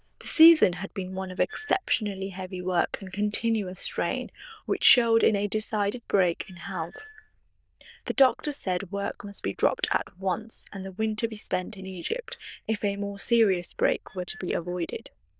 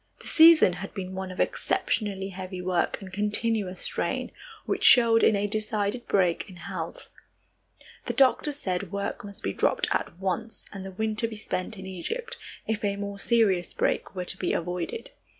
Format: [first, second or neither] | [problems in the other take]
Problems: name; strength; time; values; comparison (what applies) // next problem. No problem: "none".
second | noise reduction (neural diffusion model UNIVERSE++)